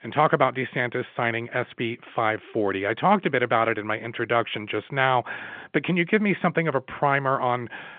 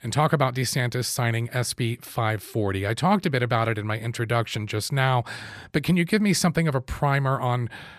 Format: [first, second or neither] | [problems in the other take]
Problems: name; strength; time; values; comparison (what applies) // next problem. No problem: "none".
second | phone-call audio; nothing above 3.5 kHz